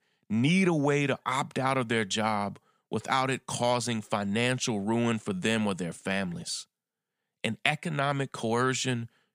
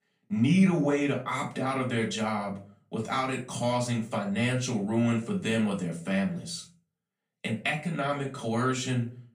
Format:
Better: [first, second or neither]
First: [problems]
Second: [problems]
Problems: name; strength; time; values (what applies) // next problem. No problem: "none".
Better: first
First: none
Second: room echo; slight; dies away in 0.3 s // off-mic speech; far